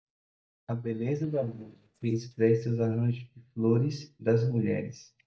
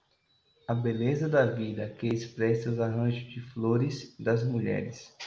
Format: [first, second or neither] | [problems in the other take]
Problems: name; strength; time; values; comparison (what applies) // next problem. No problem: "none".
second | noise reduction (neural mask model DeepFilterNet 3)